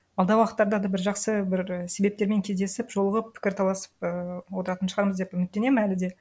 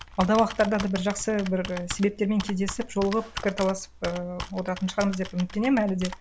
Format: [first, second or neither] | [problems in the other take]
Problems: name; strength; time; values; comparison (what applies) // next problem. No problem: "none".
first | background sound (Computer keyboard); 12 dB below the speech